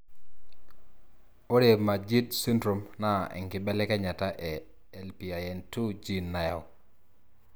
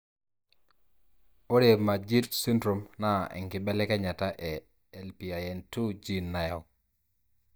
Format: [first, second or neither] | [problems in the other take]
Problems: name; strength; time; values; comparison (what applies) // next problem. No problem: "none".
first | noise reduction (neural mask model DeepFilterNet 3)